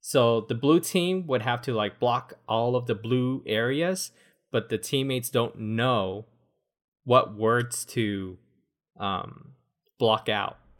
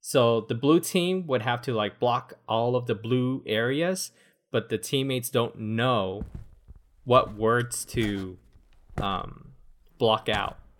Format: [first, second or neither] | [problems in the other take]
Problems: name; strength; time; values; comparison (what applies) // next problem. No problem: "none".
first | footsteps; faint; from 6 s on; peak 10 dB below the speech